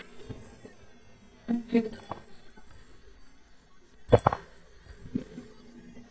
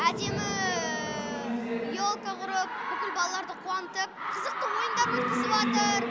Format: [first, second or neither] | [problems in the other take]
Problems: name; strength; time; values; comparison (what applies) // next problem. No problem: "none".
second | noise reduction (neural mask model DeepFilterNet 3)